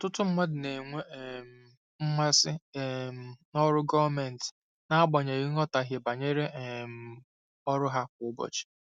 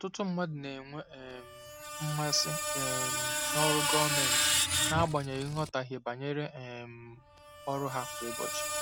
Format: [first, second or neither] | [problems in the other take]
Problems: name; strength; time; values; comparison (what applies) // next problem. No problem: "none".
first | background sound (Screech); 1 dB above the speech